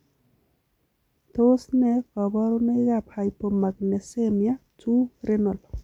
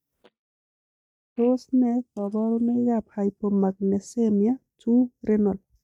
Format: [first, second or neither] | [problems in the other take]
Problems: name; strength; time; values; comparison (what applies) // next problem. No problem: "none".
first | noise reduction (neural mask model DeepFilterNet 3)